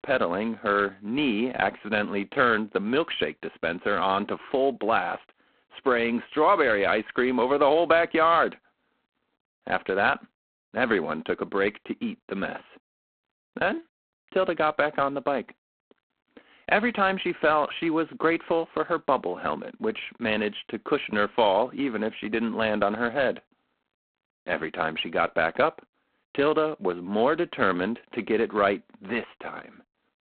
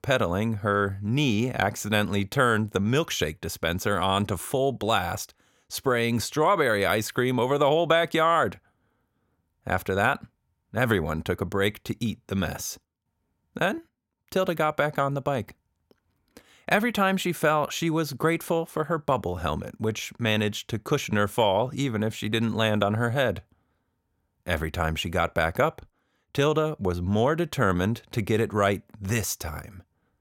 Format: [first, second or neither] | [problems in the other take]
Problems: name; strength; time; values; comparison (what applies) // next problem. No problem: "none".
second | phone-call audio; poor line; nothing above 3.5 kHz